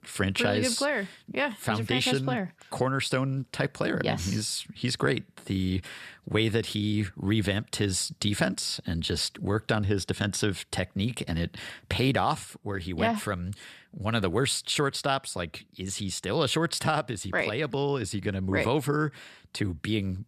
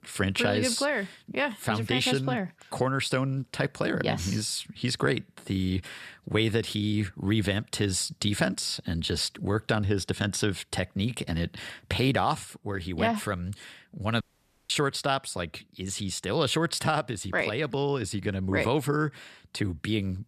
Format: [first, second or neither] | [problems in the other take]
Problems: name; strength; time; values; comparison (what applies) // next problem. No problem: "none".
first | audio cutting out; at 14 s